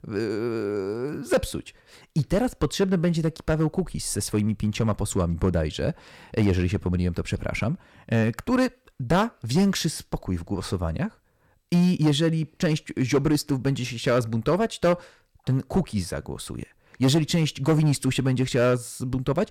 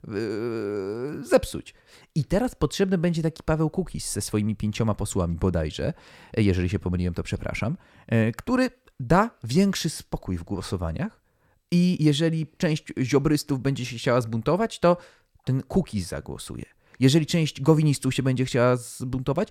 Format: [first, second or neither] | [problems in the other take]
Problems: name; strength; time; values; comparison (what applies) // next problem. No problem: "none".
second | distortion; slight; 4% of the sound clipped